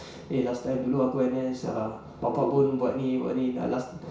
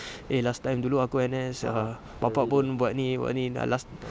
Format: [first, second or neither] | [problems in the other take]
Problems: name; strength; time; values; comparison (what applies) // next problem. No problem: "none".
second | room echo; dies away in 0.6 s